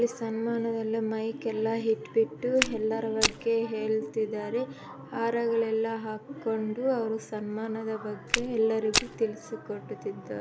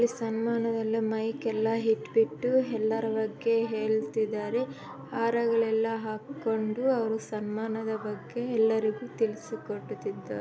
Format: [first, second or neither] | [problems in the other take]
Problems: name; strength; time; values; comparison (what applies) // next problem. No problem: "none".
second | background sound (Walk, footsteps); 3 dB below the speech